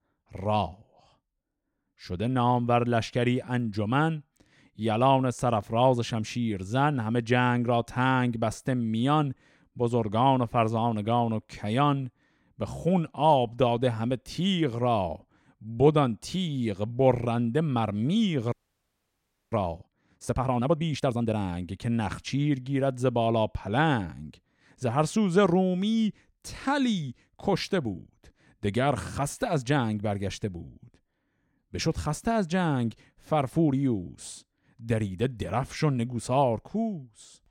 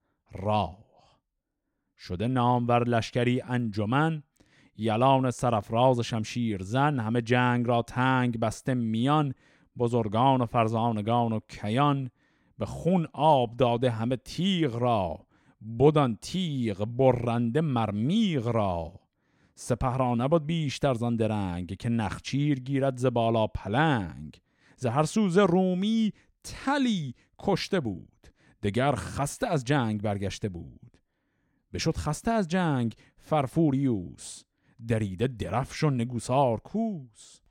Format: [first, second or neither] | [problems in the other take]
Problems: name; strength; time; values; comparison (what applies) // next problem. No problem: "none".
second | audio freezing; at 19 s for 1 s